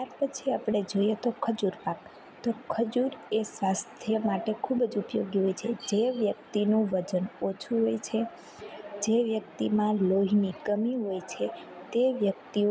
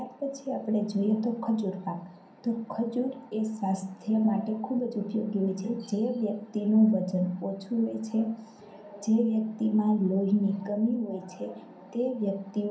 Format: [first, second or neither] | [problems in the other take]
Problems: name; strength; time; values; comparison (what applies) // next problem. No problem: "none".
first | room echo; dies away in 0.6 s